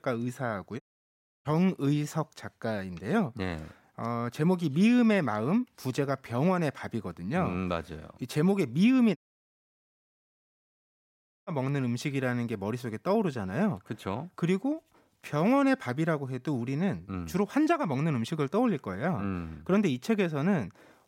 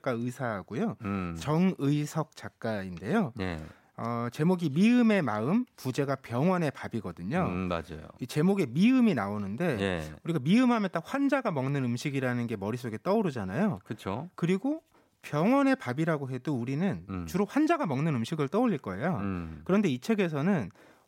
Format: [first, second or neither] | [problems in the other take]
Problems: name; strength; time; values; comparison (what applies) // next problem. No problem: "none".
second | audio cutting out; at 1 s for 0.5 s and at 9 s for 2.5 s